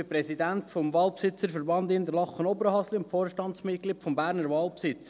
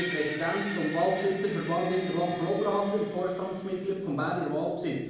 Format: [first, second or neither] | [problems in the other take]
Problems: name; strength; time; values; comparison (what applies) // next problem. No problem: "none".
first | background sound (Screech); 12 dB below the speech // room echo; dies away in 0.8 s